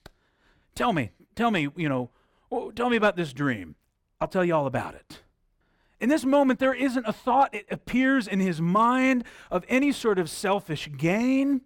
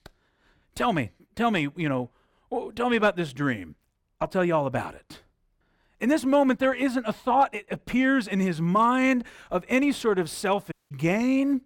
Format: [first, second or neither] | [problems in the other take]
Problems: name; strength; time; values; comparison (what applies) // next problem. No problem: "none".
first | audio cutting out; at 11 s